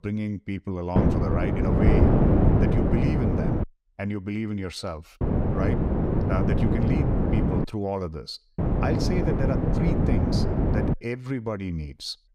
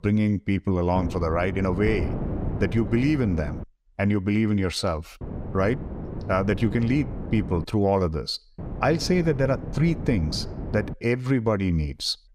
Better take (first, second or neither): second